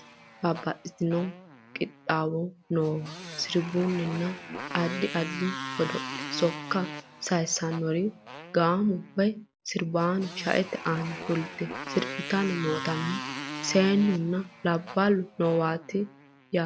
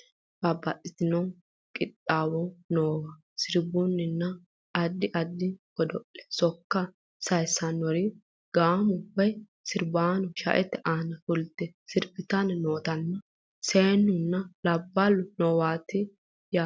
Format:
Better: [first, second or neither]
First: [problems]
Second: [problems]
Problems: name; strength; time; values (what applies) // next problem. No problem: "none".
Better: second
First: background sound (Motorcycle); 11 dB below the speech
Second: none